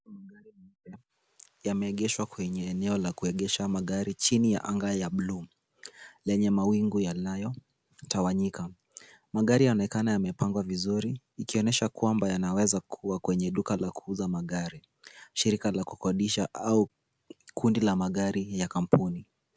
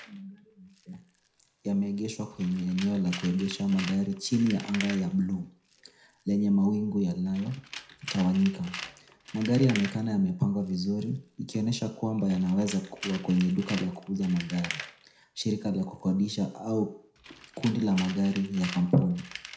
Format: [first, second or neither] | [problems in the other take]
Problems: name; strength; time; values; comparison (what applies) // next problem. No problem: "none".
first | background sound (Tools); 16 dB below the speech // room echo; dies away in 0.5 s